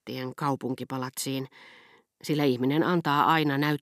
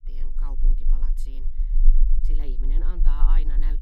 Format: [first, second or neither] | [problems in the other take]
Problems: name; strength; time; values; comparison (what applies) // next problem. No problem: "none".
first | low rumble; loud; throughout; 8 dB below the speech